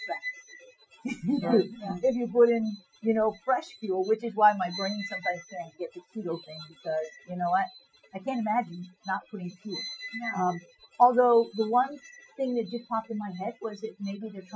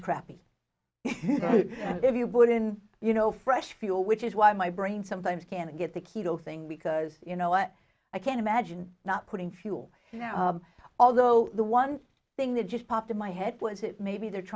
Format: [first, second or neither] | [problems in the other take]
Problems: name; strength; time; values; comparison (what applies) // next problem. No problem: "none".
second | noise reduction (classical method Wiener filter)